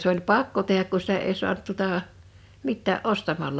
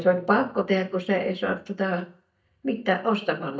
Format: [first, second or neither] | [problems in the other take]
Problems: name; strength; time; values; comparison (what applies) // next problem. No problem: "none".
first | noise reduction (neural mask model DeepFilterNet 3)